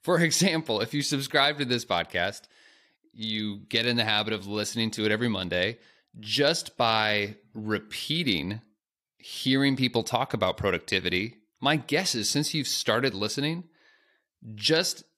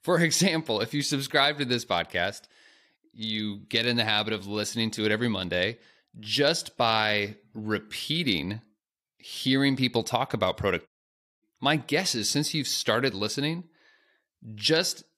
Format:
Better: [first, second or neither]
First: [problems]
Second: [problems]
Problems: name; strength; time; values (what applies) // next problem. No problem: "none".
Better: first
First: none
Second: audio cutting out; at 11 s for 0.5 s